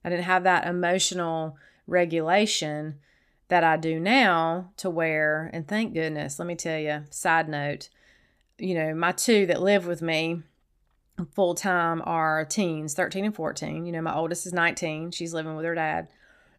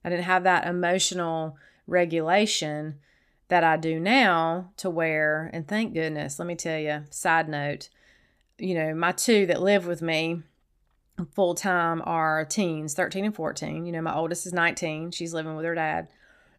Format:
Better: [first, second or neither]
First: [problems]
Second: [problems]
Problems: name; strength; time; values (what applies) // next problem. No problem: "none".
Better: neither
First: none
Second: none